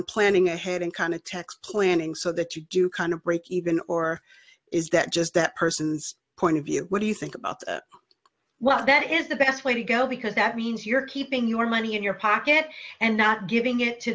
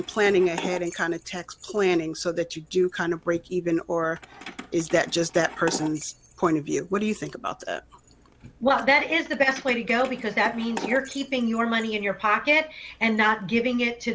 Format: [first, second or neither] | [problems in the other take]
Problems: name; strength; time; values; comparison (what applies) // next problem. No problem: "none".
first | background sound (Keys jangling); 17 dB below the speech